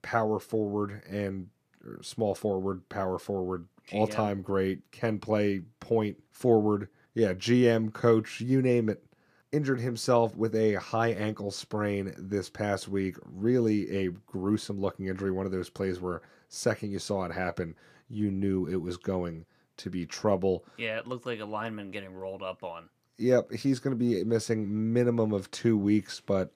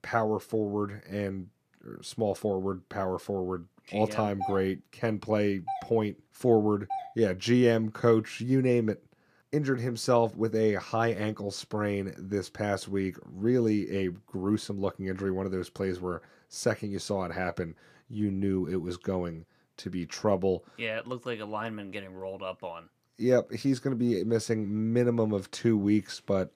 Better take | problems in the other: first | doorbell; noticeable; from 4.5 to 7 s; peak 7 dB below the speech

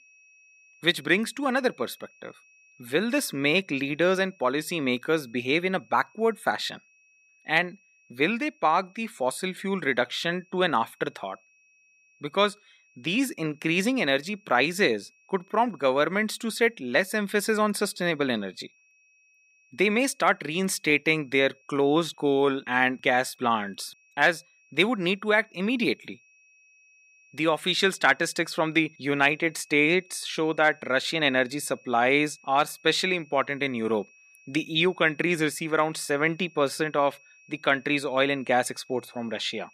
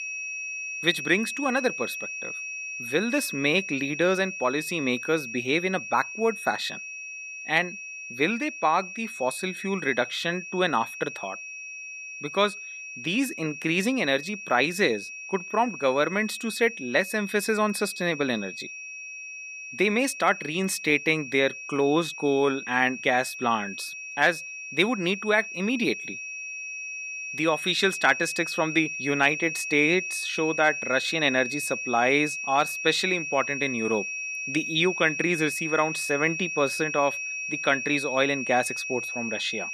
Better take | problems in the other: first | high-pitched whine; loud; throughout; 2.5 kHz, 7 dB below the speech; faint in the first

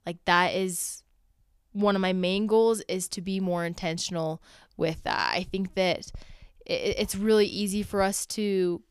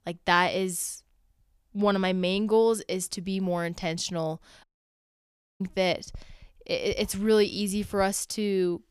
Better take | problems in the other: first | audio cutting out; at 4.5 s for 1 s

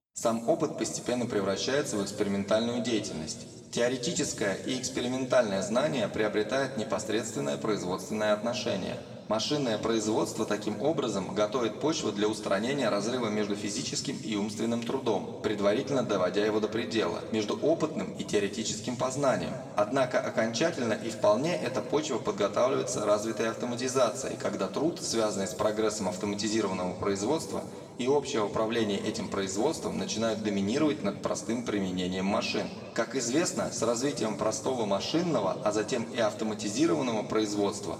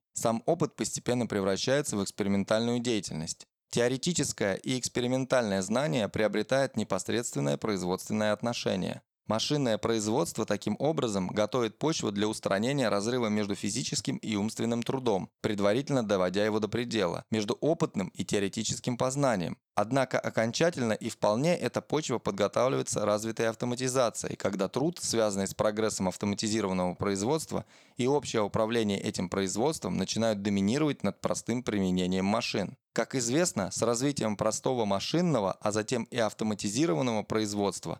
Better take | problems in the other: second | room echo; noticeable; dies away in 1.9 s // off-mic speech; far

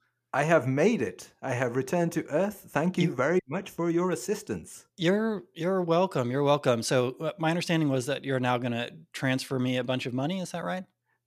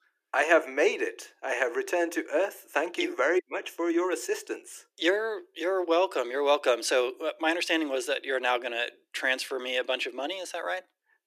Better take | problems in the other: first | thin; very; fading below 300 Hz

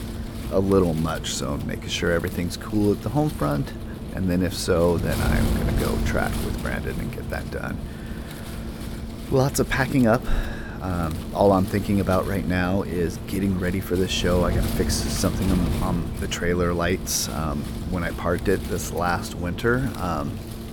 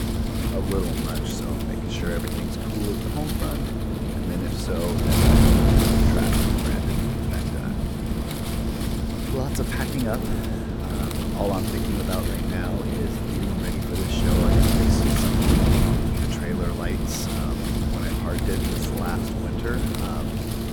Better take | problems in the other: first | wind noise on the microphone; heavy; 5 dB above the speech; occasional gusts in the first

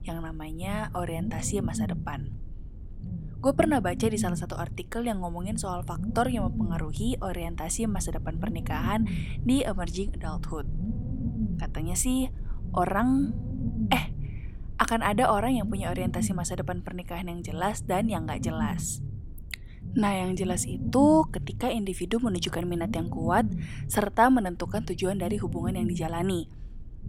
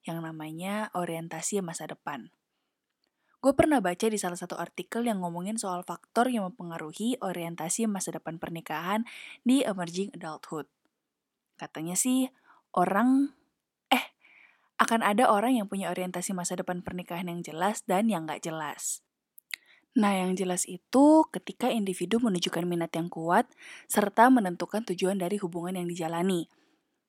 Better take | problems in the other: second | low rumble; noticeable; throughout; 15 dB below the speech

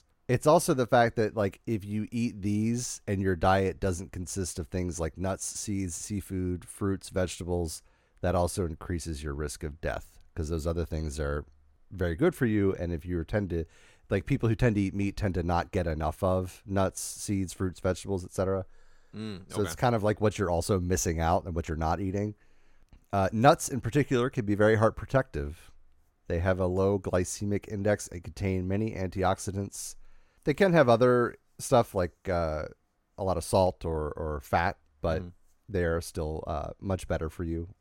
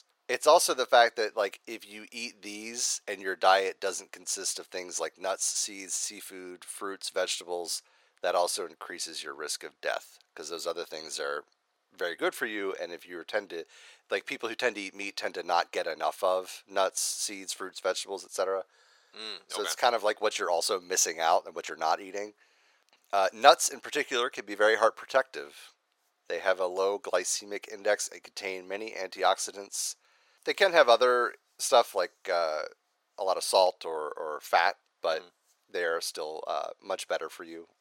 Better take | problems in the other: first | thin; very; fading below 550 Hz

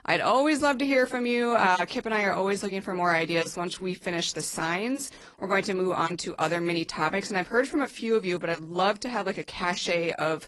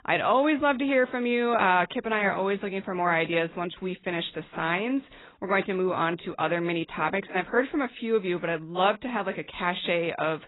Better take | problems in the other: first | garbled, watery; badly; nothing above 4 kHz; slightly in the first

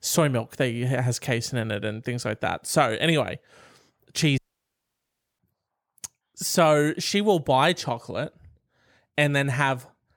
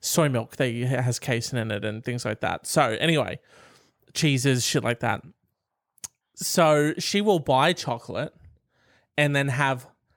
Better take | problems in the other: second | audio cutting out; at 4.5 s for 1 s

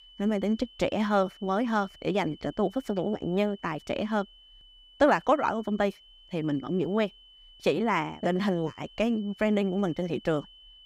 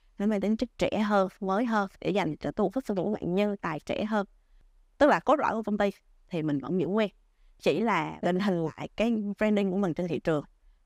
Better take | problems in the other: second | high-pitched whine; faint; throughout; 3 kHz, 25 dB below the speech

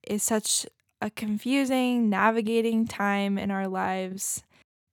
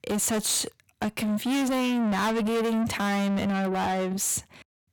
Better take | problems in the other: first | distortion; heavy; 6 dB below the speech

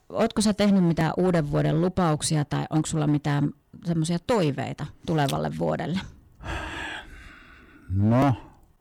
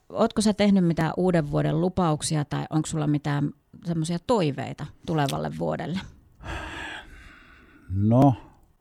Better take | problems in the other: second | distortion; slight; 6% of the sound clipped

